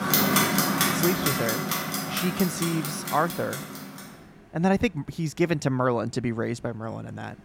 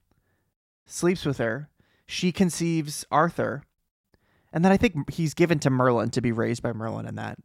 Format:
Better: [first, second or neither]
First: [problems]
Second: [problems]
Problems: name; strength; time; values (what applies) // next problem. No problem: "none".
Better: second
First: household noises; very loud; throughout; 2 dB above the speech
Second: none